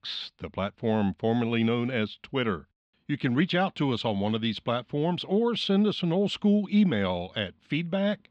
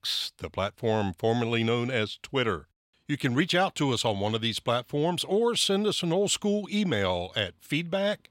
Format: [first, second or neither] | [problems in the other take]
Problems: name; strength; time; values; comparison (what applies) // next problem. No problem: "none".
second | muffled; very slightly; fading above 3.5 kHz